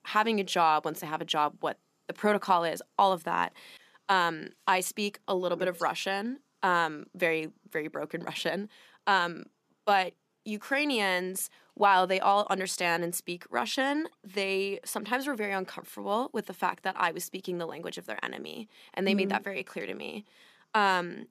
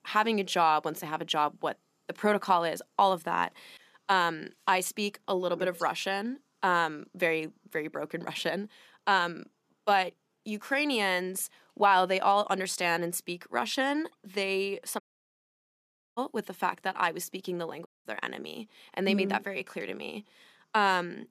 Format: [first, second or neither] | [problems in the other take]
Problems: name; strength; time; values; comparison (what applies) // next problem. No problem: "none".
first | audio cutting out; at 15 s for 1 s and at 18 s